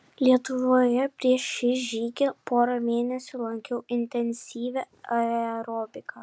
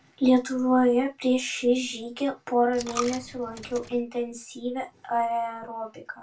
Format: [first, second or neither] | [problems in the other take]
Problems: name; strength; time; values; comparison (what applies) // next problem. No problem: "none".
first | background sound (Coin (dropping)); 15 dB below the speech // room echo; dies away in 0.2 s